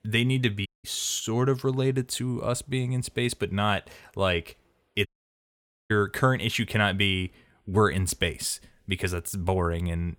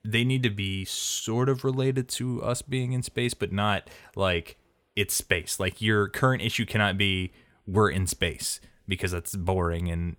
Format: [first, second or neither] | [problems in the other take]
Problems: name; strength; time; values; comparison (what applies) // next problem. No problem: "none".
second | audio cutting out; at 0.5 s and at 5 s for 1 s